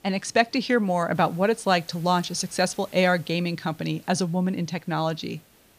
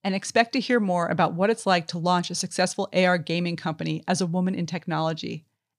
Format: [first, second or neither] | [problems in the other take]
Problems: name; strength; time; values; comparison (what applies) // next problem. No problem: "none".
second | hiss; faint; throughout; 25 dB below the speech